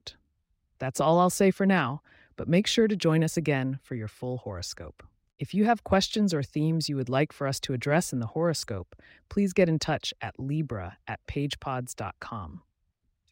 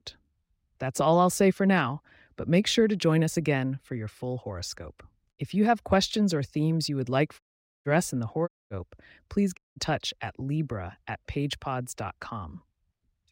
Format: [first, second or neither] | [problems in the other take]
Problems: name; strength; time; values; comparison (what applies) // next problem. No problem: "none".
first | audio cutting out; at 7.5 s, at 8.5 s and at 9.5 s